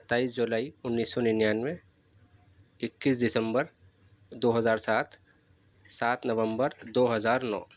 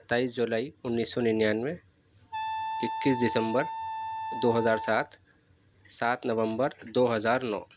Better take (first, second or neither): first